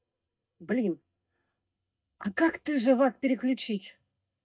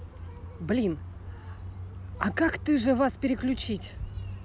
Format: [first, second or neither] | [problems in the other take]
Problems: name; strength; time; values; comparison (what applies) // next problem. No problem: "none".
second | noise reduction (neural mask model DeepFilterNet 3)